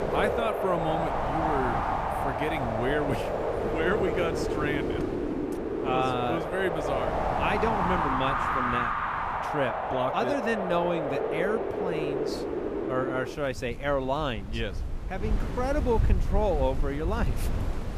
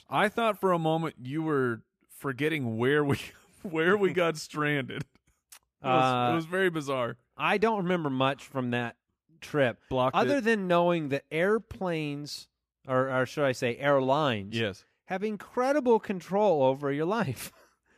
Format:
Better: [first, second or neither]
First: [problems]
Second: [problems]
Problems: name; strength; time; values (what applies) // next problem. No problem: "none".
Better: second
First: wind in the background; very loud; throughout; 1 dB above the speech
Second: none